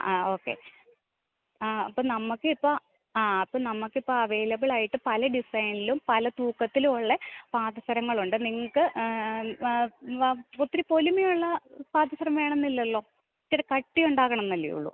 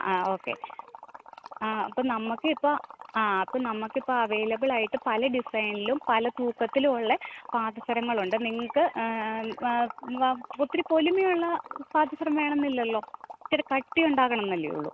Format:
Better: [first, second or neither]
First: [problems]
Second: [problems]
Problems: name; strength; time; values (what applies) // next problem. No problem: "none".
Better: first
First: none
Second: background sound (Liquid); 16 dB below the speech